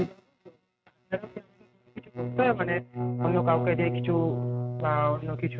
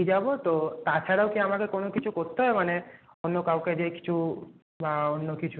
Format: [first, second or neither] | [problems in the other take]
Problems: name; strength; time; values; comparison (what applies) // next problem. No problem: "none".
second | noise reduction (neural mask model RNNoise)